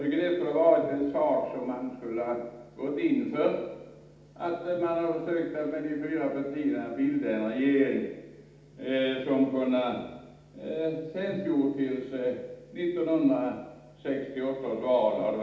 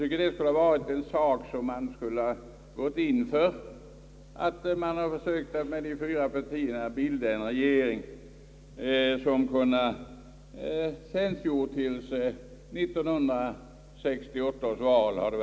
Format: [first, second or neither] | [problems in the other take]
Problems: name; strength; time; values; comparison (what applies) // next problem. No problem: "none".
second | room echo; dies away in 0.8 s